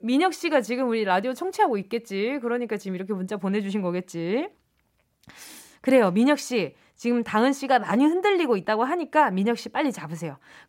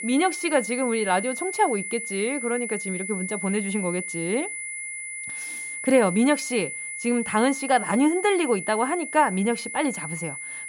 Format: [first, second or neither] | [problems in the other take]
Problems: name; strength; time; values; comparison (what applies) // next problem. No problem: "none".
first | high-pitched whine; loud; throughout; 2 kHz, 6 dB below the speech